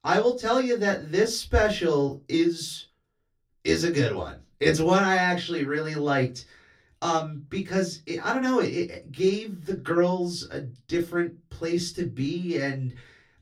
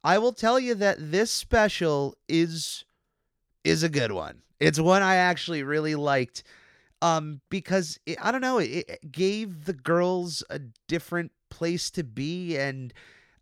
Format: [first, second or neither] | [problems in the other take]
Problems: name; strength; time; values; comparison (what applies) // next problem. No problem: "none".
second | off-mic speech; far // room echo; very slight; dies away in 0.2 s